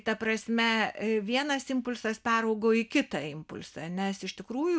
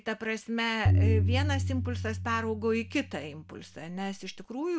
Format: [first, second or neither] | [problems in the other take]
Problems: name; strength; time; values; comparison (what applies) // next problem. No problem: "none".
first | background sound (Tabla); 3 dB above the speech